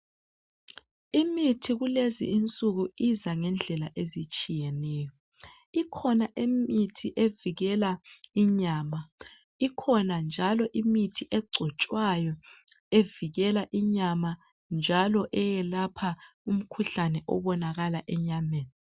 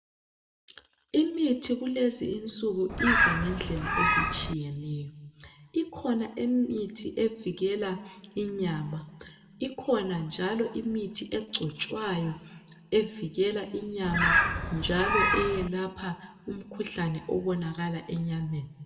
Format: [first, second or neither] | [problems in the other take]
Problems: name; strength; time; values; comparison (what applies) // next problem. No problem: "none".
first | background sound (Bird); 4 dB above the speech // room echo; dies away in 1.2 s